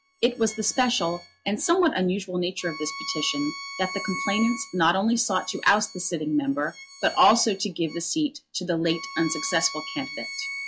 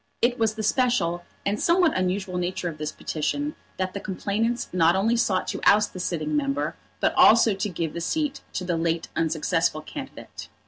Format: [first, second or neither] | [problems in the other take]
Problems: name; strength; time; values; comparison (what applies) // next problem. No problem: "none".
second | noise reduction (classical method log-MMSE)